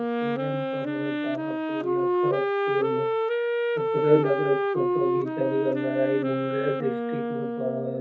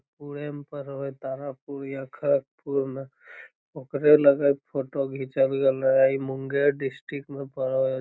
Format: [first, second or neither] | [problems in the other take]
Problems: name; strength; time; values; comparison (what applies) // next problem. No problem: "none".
second | background sound (Wind instrument, woodwind instrument); 2 dB above the speech // room echo; dies away in 0.3 s